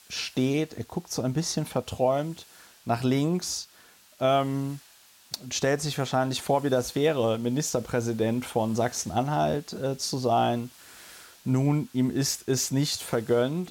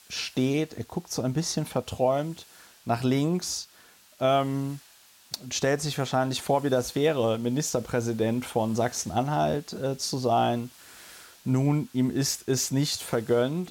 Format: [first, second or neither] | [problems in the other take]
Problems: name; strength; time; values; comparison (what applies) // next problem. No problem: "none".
neither | hiss; faint; throughout; 25 dB below the speech; the same in both